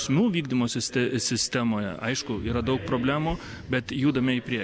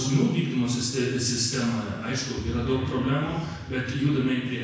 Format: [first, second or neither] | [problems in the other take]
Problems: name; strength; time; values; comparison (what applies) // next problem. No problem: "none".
first | room echo; dies away in 1 s